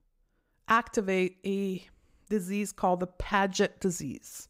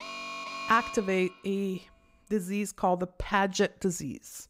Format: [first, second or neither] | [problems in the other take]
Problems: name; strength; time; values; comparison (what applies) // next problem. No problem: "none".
first | alarm; noticeable; until 1.5 s; peak 6 dB below the speech